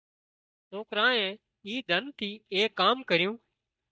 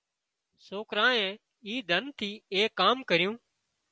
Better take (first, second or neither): second